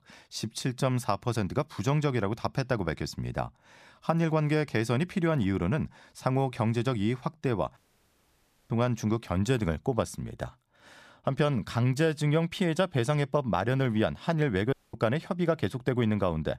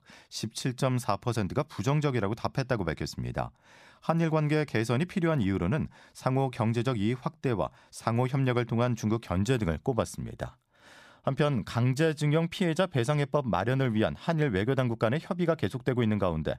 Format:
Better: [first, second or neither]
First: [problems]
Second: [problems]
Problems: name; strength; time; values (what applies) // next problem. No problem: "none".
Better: second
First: audio cutting out; at 8 s for 1 s and at 15 s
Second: none